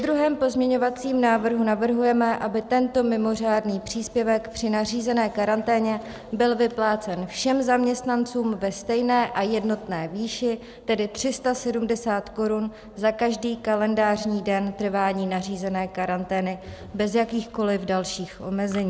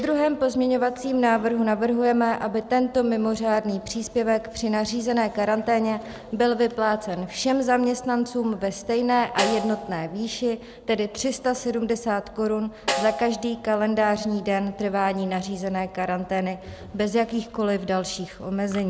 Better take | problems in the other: first | background sound (Snare drum); 10 dB below the speech

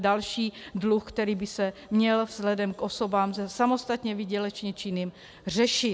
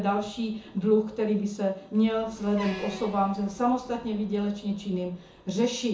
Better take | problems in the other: first | background sound (Truck); 19 dB below the speech // room echo; dies away in 0.6 s

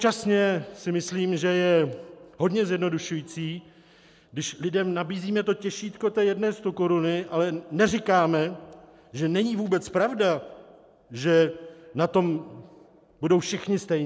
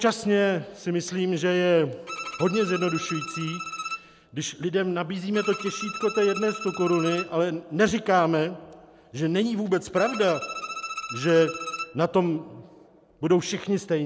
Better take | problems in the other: first | background sound (Bowed string instrument); 10 dB below the speech

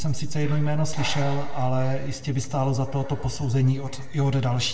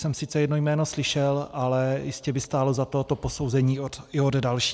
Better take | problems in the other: second | background sound (Breathing); 2 dB below the speech // room echo; dies away in 1.3 s

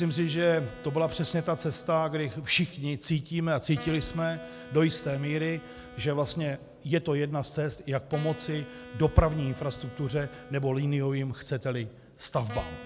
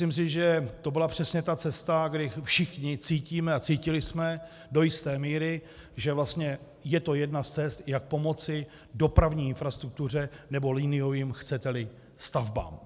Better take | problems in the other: second | background sound (Wind instrument, woodwind instrument); 18 dB below the speech

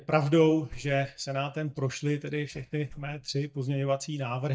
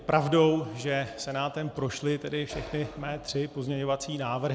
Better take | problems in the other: second | noise reduction (neural mask model DeepFilterNet 3)

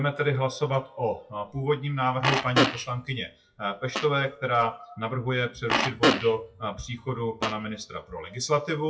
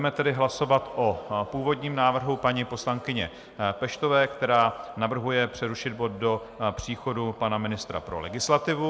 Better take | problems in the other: second | noise reduction (classical method WPE with log-MMSE)

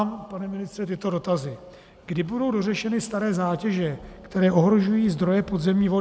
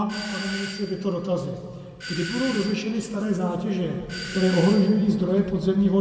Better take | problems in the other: first | background sound (Doorbell); 14 dB below the speech // room echo; dies away in 1.5 s

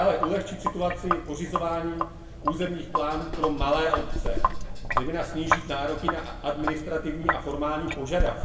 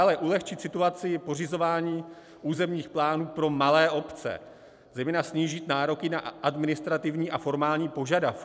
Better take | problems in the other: second | background sound (Sink (filling or washing)); as loud as the speech // room echo; dies away in 0.9 s

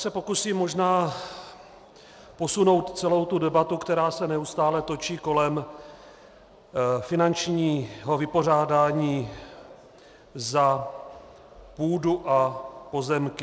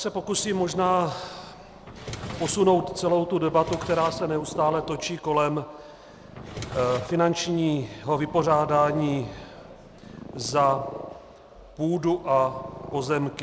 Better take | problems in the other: first | background sound (Drawer open or close + Purr); 14 dB below the speech

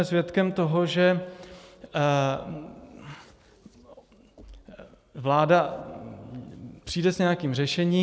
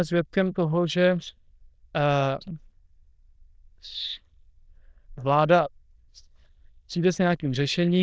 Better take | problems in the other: first | noise reduction (neural diffusion model UNIVERSE++)

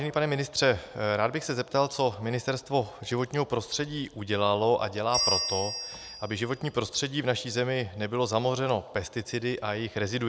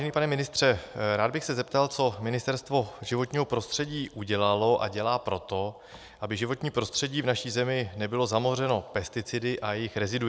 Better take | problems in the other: second | background sound (Bell); 4 dB below the speech

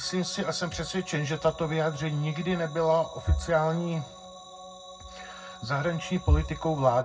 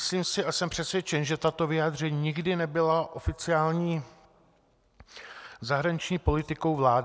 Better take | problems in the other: second | background sound (Organ); 17 dB below the speech // room echo; dies away in 0.4 s

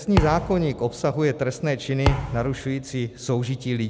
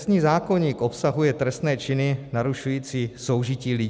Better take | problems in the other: second | background sound (Thump, thud); 6 dB below the speech

